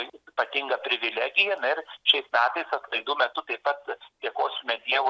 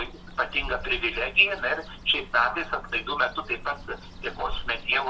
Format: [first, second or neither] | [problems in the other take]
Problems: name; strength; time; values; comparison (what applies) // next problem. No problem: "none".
first | background sound (Bird); 11 dB below the speech // room echo; dies away in 0.2 s